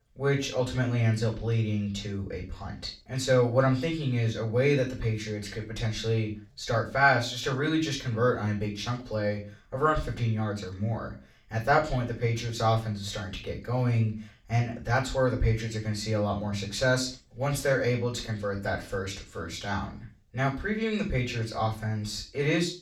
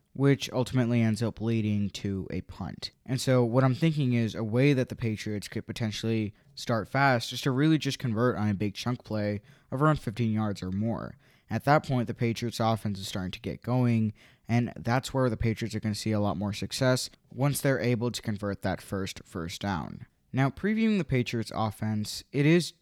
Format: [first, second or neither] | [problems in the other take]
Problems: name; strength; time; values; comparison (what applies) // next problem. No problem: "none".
second | room echo; slight; dies away in 0.3 s // off-mic speech; far